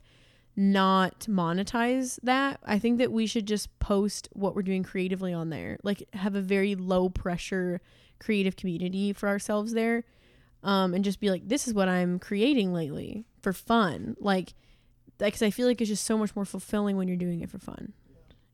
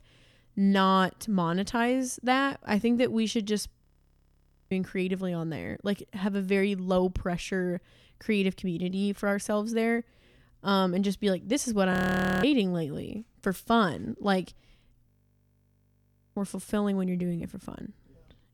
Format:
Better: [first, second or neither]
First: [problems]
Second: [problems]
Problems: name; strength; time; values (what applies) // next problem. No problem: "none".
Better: first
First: none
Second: audio freezing; at 4 s for 1 s, at 12 s for 0.5 s and at 15 s for 1.5 s